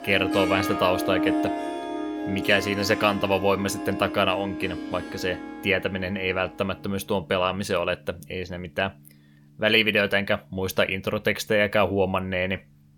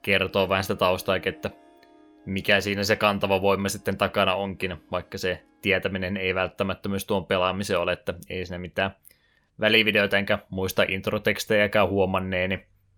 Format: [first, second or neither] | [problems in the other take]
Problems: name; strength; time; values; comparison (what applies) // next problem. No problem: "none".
second | background music; loud; throughout; 6 dB below the speech; faint in the second